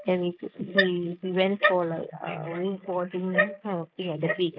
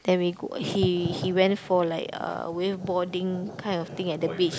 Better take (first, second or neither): second